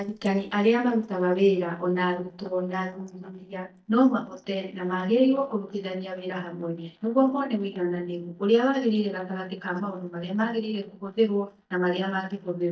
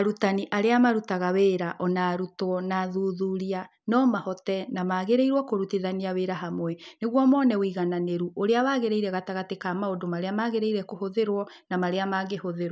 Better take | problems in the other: second | noise reduction (neural mask model DeepFilterNet 3)

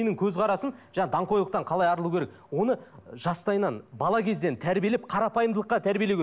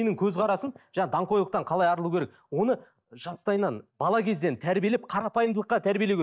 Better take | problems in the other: first | noise reduction (neural mask model DeepFilterNet 3)

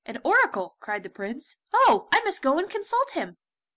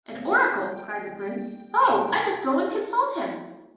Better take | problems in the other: first | noise reduction (neural separator model SepFormer DNS4)

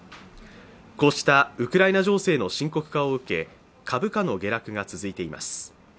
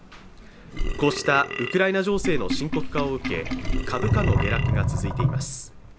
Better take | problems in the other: first | background sound (Burping, eructation + Sink (filling or washing)); 1 dB above the speech

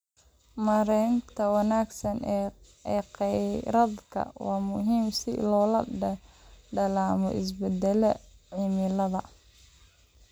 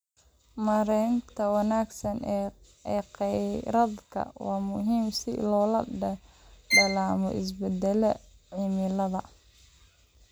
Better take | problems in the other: first | background sound (Bowed string instrument); as loud as the speech

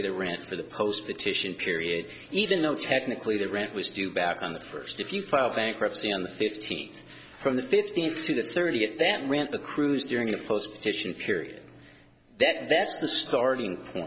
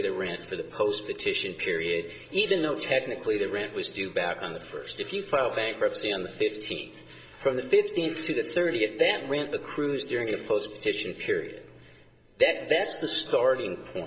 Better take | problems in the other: first | room echo; dies away in 1.7 s

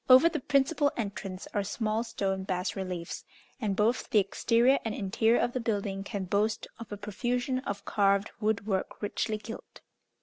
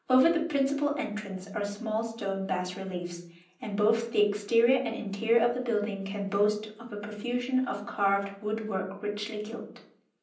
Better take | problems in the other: first | room echo; dies away in 0.6 s

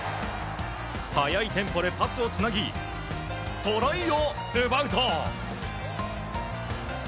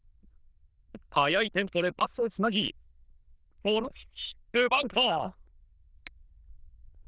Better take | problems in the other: first | noise reduction (neural diffusion model UNIVERSE++)

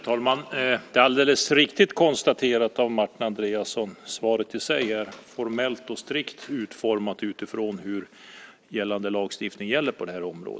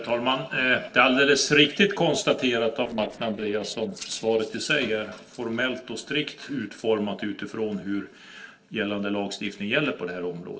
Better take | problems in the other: first | noise reduction (neural separator model SepFormer DNS4)

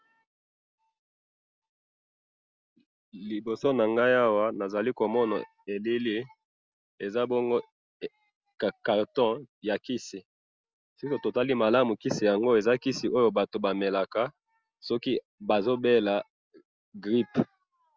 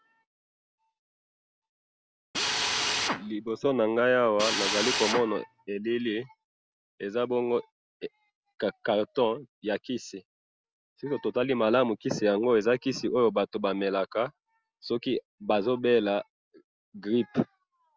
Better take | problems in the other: first | background sound (Drill); 1 dB below the speech

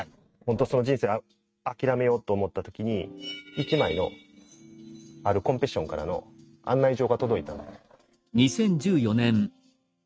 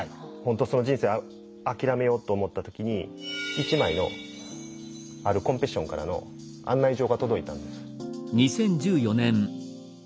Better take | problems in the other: second | noise reduction (neural mask model RNNoise)

